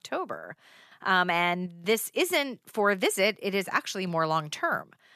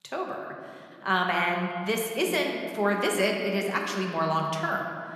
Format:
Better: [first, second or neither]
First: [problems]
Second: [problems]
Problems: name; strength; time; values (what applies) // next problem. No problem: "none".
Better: first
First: none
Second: room echo; noticeable; dies away in 2 s